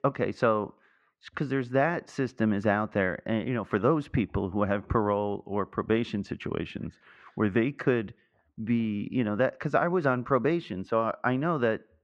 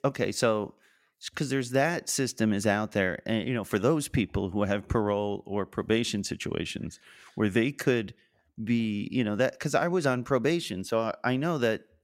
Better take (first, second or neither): second